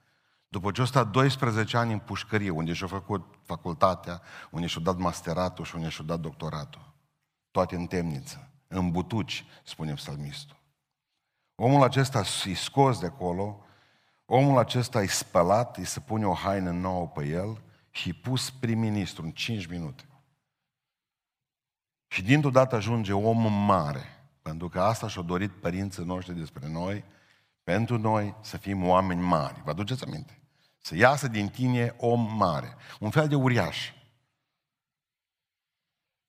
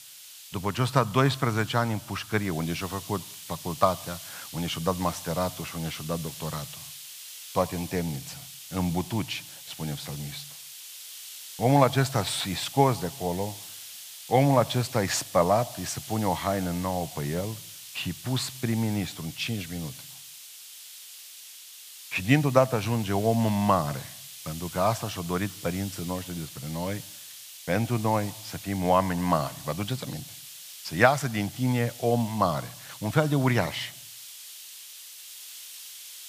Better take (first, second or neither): first